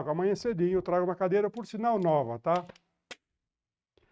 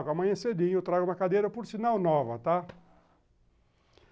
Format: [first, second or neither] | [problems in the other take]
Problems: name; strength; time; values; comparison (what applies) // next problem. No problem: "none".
second | noise reduction (neural mask model RNNoise)